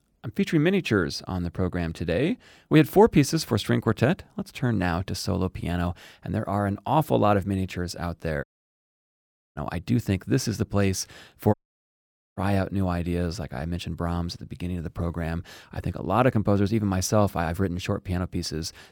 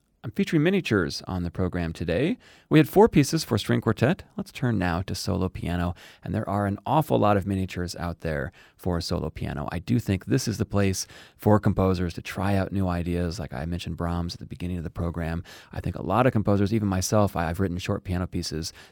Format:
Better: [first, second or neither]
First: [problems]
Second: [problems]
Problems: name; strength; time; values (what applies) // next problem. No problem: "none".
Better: second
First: audio cutting out; at 8.5 s for 1 s and at 12 s for 1 s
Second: none